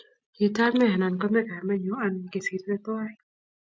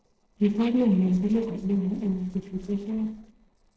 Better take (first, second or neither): first